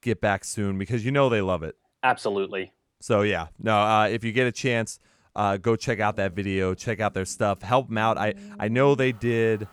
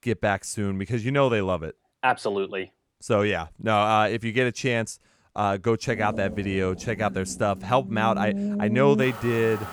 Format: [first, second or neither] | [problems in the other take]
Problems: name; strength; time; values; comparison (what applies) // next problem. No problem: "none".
first | traffic noise; loud; from 6 s on; 7 dB below the speech; faint in the first